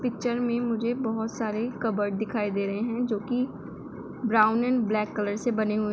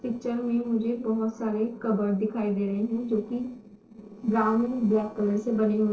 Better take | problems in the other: first | noise reduction (neural separator model SepFormer DNS4)

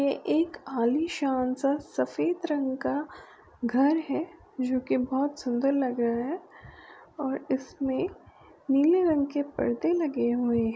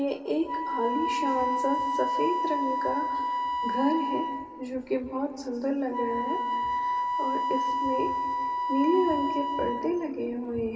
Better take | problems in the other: first | background sound (Wind instrument, woodwind instrument); as loud as the speech // room echo; dies away in 1.8 s

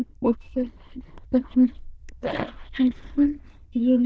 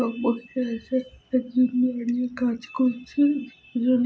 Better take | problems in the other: second | noise reduction (neural diffusion model UNIVERSE++)

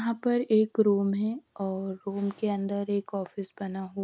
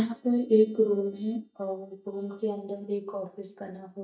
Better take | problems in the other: first | noise reduction (neural mask model DeepFilterNet 3)

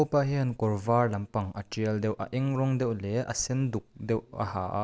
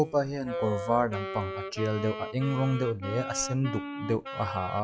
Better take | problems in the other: first | noise reduction (classical method log-MMSE)

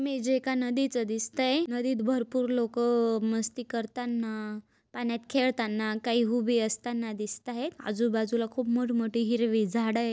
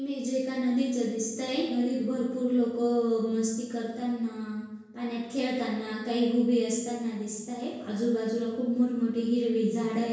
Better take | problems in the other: first | room echo; dies away in 1 s

